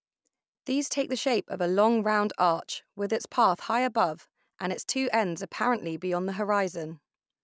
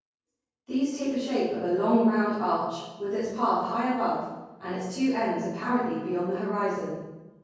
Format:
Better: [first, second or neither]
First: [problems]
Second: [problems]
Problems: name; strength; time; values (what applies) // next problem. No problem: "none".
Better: first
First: none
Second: room echo; dies away in 1.3 s